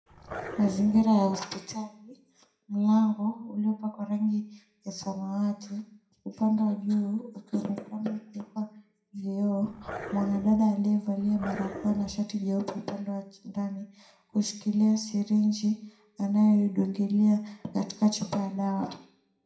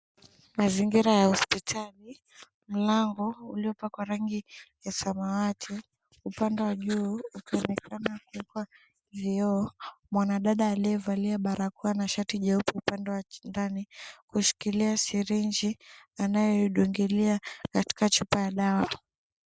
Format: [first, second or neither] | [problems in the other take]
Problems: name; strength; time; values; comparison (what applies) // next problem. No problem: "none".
second | background sound (Growling); 11 dB below the speech // room echo; dies away in 0.4 s